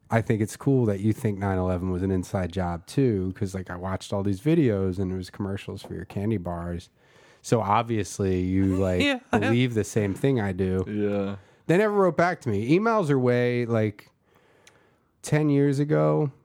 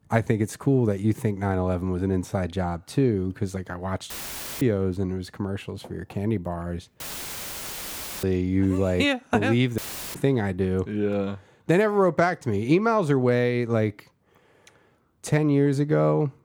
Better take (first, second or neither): first